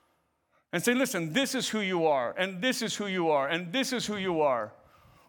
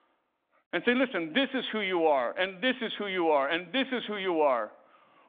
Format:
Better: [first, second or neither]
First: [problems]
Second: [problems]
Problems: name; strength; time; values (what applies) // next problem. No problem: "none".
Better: first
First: none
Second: phone-call audio; nothing above 3.5 kHz